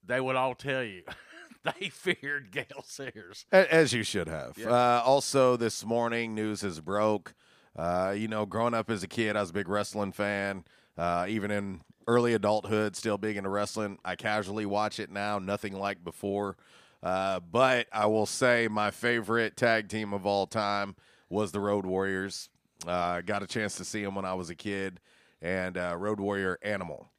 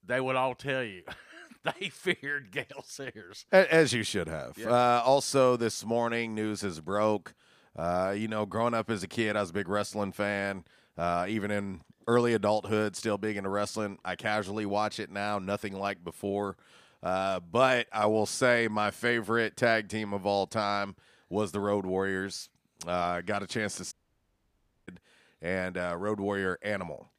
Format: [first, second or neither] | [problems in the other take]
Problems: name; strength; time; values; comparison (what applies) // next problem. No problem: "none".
first | audio cutting out; at 24 s for 1 s